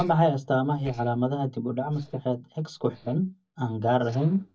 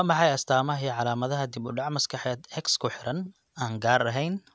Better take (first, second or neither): second